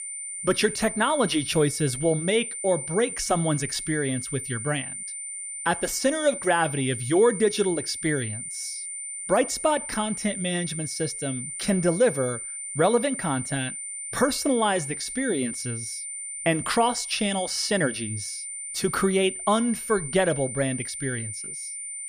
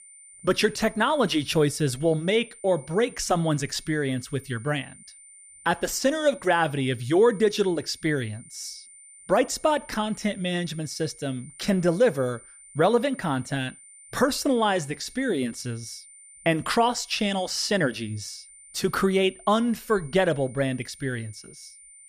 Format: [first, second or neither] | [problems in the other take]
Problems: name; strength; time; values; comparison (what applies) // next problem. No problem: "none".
second | high-pitched whine; loud; throughout; 9 kHz, 6 dB below the speech; faint in the second